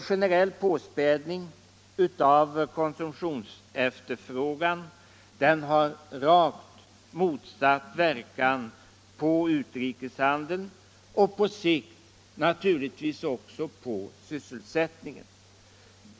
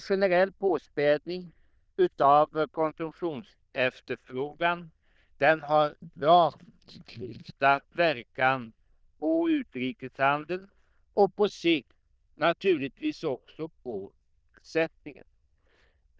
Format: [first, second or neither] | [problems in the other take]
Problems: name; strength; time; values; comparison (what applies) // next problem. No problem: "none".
first | noise reduction (neural diffusion model UNIVERSE++)